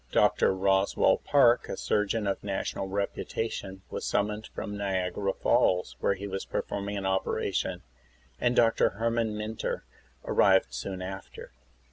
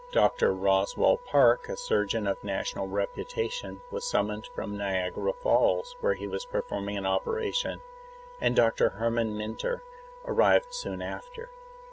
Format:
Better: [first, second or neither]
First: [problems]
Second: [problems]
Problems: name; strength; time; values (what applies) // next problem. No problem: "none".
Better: first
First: none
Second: background sound (Wind instrument, woodwind instrument); 18 dB below the speech